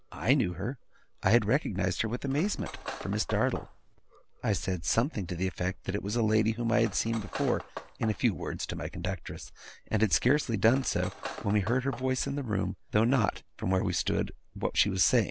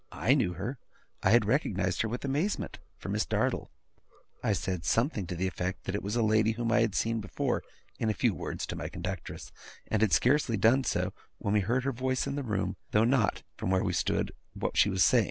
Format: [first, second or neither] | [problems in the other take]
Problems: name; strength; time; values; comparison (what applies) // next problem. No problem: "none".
second | background sound (Cutlery, silverware); 14 dB below the speech